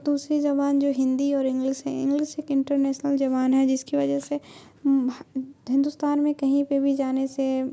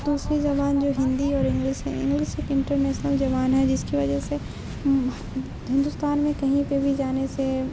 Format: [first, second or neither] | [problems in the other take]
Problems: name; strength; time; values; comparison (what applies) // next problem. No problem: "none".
first | background sound (Waves, surf); 8 dB below the speech